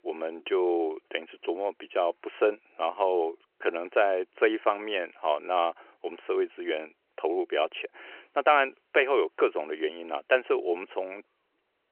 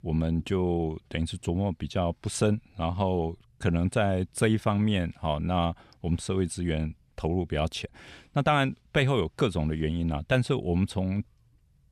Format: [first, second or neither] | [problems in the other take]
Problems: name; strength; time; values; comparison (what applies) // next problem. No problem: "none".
second | phone-call audio; nothing above 3 kHz